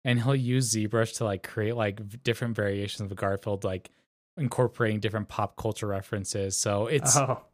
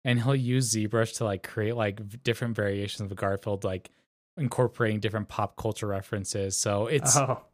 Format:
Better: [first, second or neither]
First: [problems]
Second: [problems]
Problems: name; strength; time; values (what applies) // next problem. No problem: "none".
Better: neither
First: none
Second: none